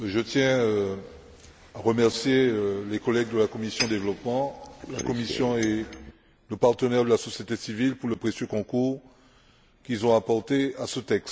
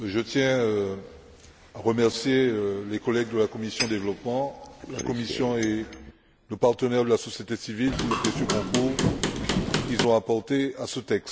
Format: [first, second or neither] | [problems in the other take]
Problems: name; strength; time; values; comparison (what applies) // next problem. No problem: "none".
first | background sound (Hammer / Wood); as loud as the speech